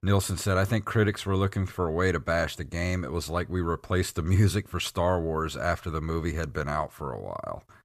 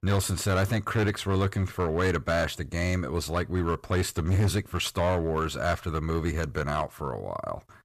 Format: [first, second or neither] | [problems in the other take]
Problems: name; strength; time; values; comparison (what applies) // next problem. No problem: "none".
first | distortion; slight; 8% of the sound clipped